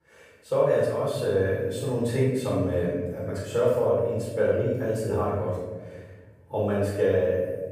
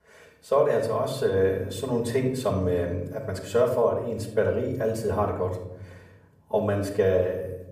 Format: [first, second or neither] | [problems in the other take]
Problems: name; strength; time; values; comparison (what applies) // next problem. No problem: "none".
second | room echo; strong; dies away in 1.6 s; slight in the second // off-mic speech; far; somewhat distant in the second